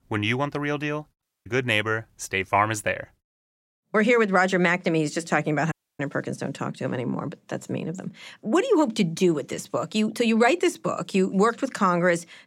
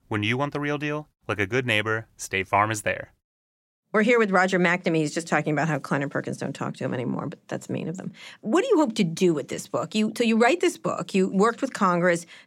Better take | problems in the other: second | audio cutting out; at 1 s and at 5.5 s

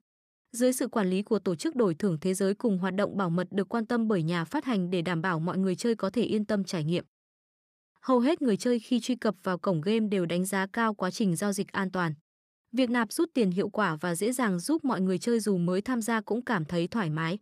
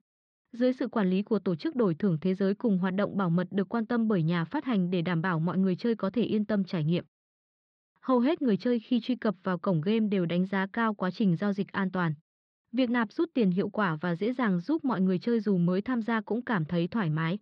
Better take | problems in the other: first | muffled; slightly; fading above 4 kHz

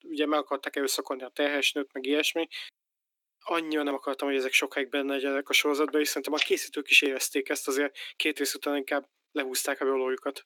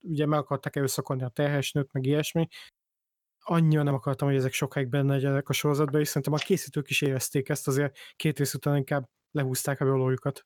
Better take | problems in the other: second | thin; somewhat; fading below 300 Hz

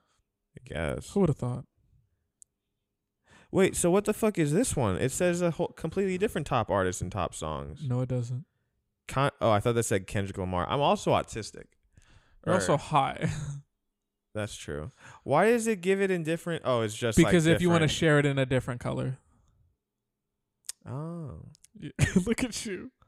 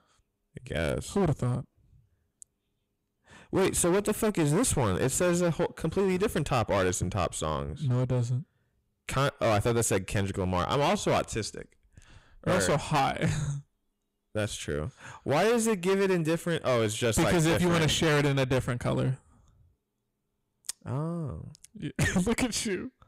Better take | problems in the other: first | distortion; heavy; 12% of the sound clipped

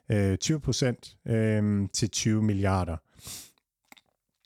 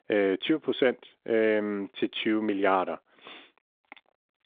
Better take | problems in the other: first | phone-call audio; nothing above 3.5 kHz

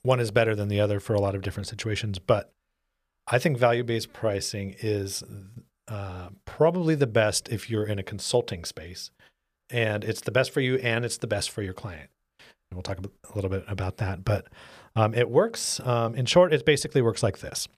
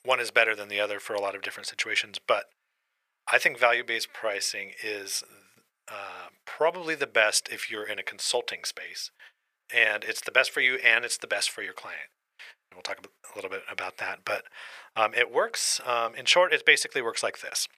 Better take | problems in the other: first | thin; very; fading below 750 Hz

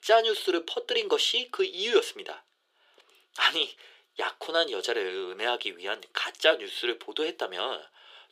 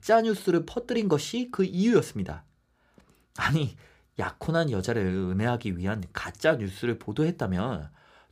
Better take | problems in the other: second | thin; very; fading below 350 Hz

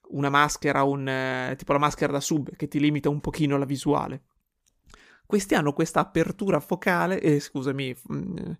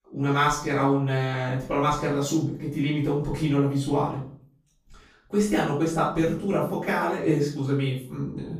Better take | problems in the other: first | off-mic speech; far // room echo; noticeable; dies away in 0.4 s

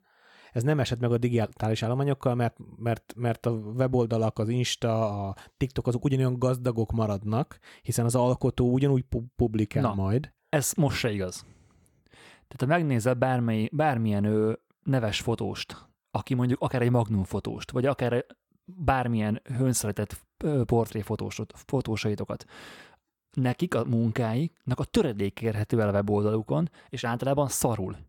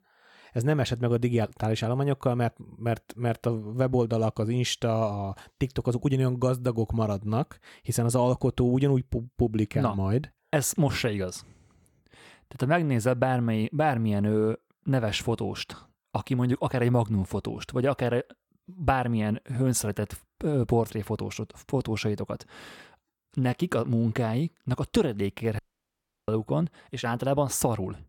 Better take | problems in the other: first | audio cutting out; at 26 s for 0.5 s

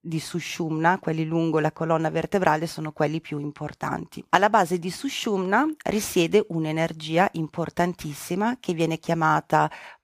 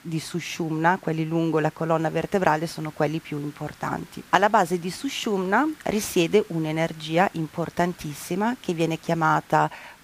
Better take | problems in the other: first | hiss; faint; throughout; 25 dB below the speech

